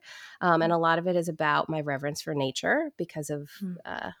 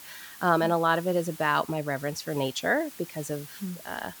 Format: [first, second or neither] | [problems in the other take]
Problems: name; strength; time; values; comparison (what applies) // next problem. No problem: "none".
first | hiss; noticeable; throughout; 15 dB below the speech